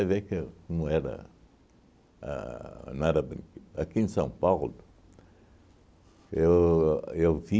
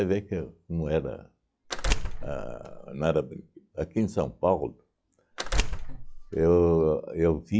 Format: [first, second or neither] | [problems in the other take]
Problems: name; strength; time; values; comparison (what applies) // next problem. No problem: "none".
first | noise reduction (classical method log-MMSE)